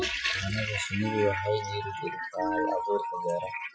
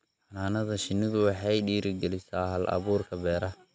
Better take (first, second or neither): second